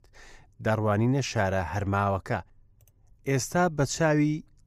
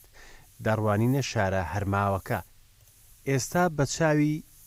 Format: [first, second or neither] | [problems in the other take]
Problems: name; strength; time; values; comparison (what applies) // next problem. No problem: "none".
first | hiss; faint; throughout; 25 dB below the speech